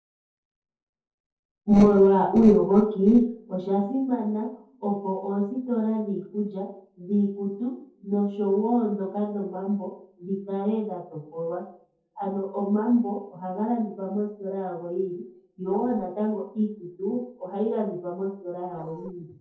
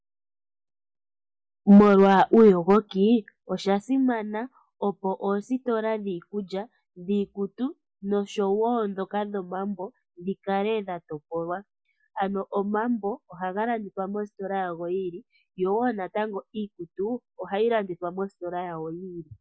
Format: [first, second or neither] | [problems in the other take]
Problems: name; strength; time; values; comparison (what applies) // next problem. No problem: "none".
second | noise reduction (neural separator model SepFormer DNS4)